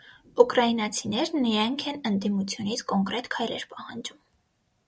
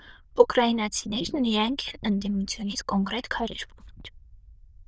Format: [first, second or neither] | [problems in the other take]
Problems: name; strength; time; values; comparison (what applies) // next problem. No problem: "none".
first | noise reduction (neural diffusion model UNIVERSE++)